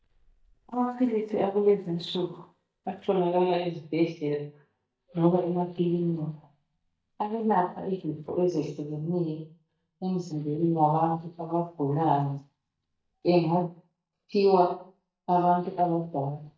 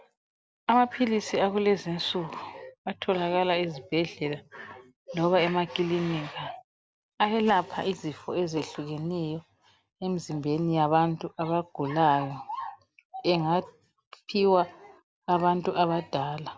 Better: second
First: noise reduction (neural mask model DeepFilterNet 3)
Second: none

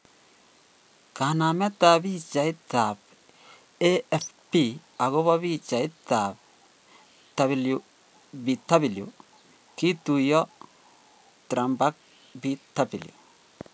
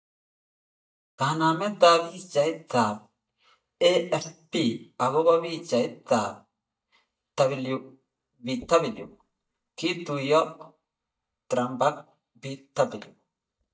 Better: first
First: none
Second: noise reduction (neural mask model DeepFilterNet 3)

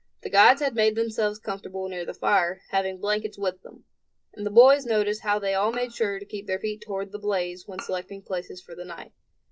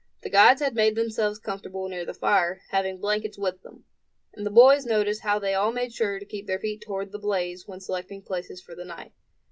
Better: second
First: noise reduction (neural separator model SepFormer DNS4)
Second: none

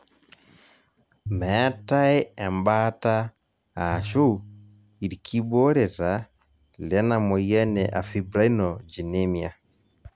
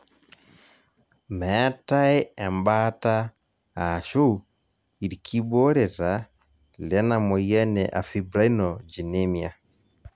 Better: second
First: background sound (Piano); 14 dB below the speech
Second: none

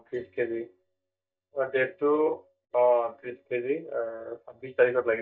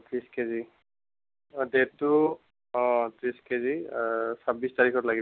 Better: second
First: noise reduction (neural mask model DeepFilterNet 3)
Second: none

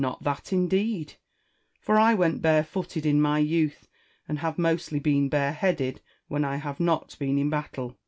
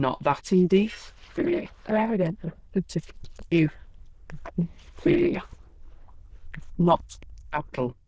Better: first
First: none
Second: noise reduction (neural diffusion model UNIVERSE++)

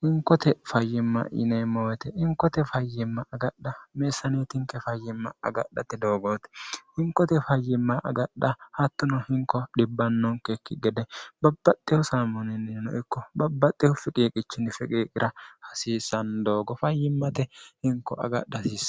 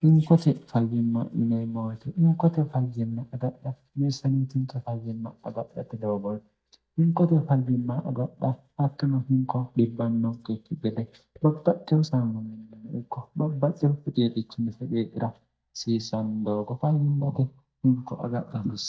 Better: first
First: none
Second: noise reduction (neural mask model DeepFilterNet 3)

